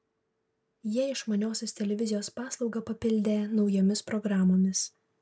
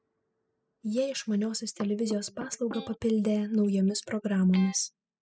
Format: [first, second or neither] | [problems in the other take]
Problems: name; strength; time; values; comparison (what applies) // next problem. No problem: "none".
first | noise reduction (classical method spectral subtraction)